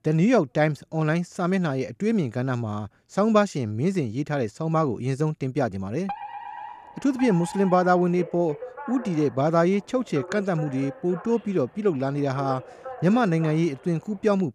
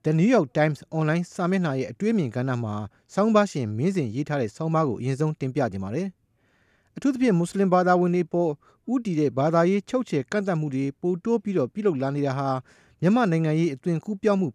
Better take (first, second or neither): second